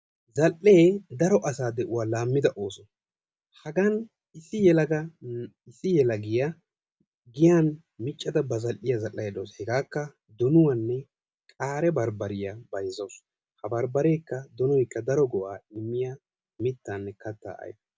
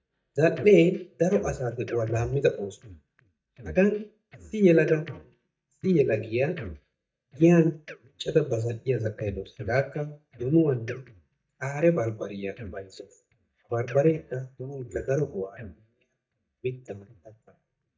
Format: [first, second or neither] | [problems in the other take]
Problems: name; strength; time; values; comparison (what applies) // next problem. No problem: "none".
first | noise reduction (neural mask model DeepFilterNet 3)